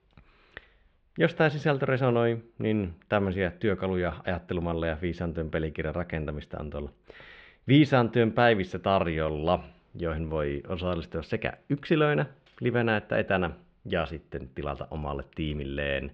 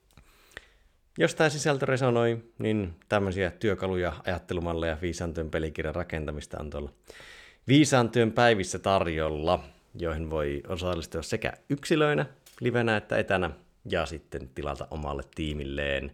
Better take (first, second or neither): second